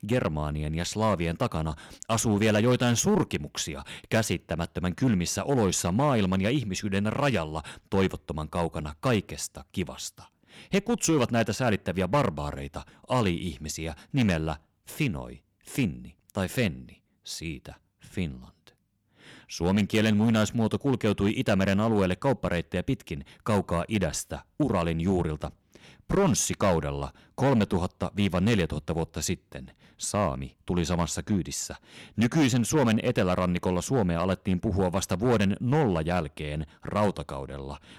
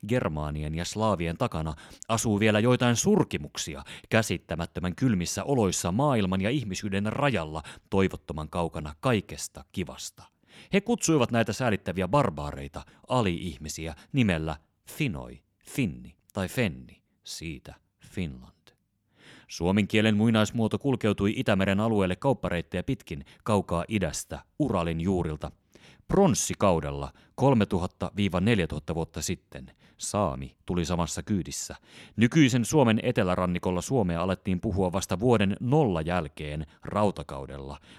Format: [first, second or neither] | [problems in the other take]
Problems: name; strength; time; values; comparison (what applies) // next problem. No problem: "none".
second | distortion; slight; 4% of the sound clipped